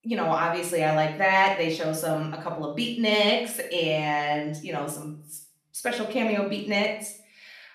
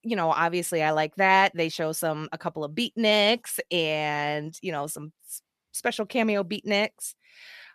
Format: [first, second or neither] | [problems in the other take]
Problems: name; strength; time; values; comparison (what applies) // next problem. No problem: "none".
second | room echo; slight; dies away in 0.5 s // off-mic speech; far